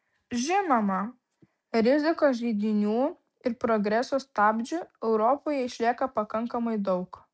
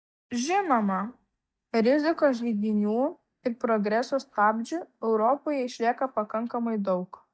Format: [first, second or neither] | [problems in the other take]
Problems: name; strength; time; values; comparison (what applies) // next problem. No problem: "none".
first | noise reduction (neural mask model DeepFilterNet 3)